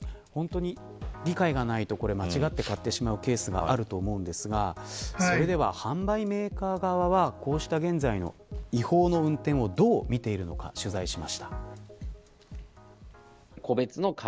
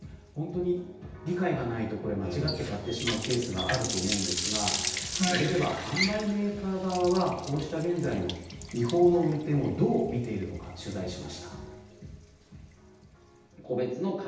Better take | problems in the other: first | background sound (Water tap, faucet); 8 dB below the speech // room echo; dies away in 0.9 s

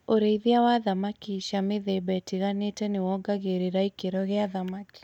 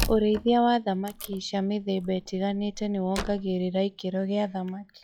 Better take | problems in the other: first | noise reduction (classical method log-MMSE)

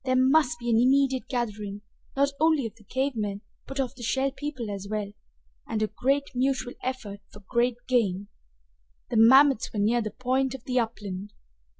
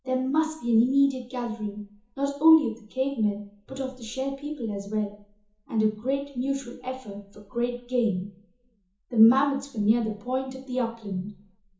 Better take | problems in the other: first | room echo; dies away in 0.7 s

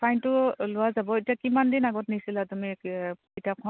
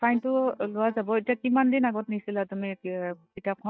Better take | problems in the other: first | noise reduction (neural mask model DeepFilterNet 3)

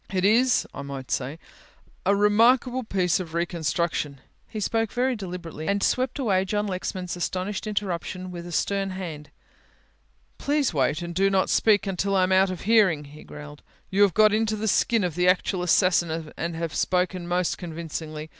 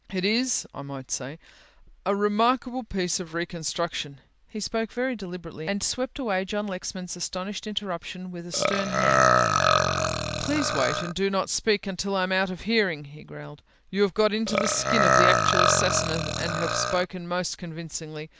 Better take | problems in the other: first | background sound (Burping, eructation); 4 dB above the speech

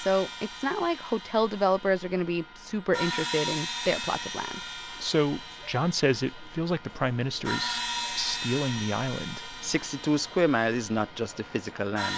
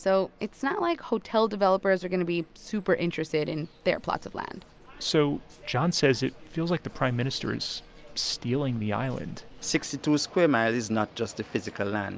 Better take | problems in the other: second | background sound (Crash cymbal); 9 dB below the speech

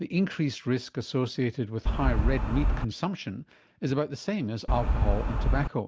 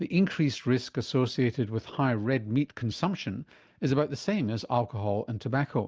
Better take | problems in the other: second | background sound (Wind); 5 dB above the speech

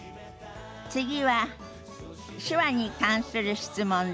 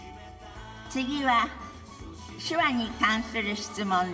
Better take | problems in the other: first | room echo; dies away in 2 s

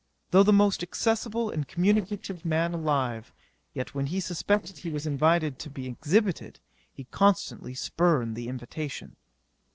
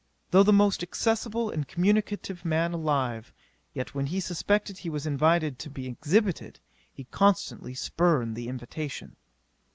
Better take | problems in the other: second | noise reduction (neural separator model SepFormer DNS4)

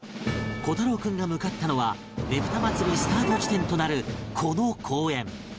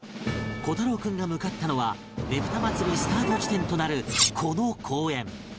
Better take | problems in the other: first | background sound (Cutlery, silverware); 1 dB above the speech

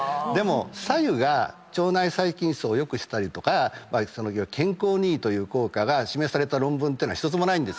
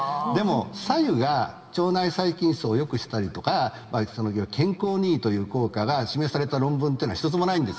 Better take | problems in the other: first | room echo; dies away in 2.4 s

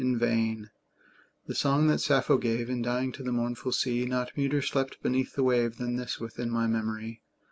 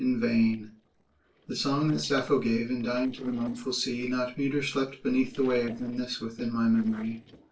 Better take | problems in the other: first | noise reduction (neural separator model SepFormer DNS4)

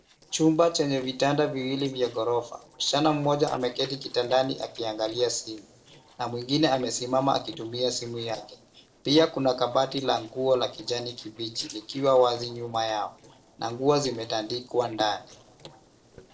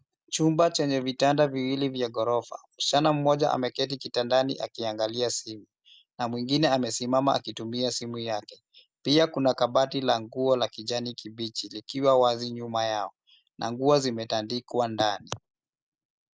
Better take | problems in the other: second | noise reduction (neural separator model SepFormer DNS4)

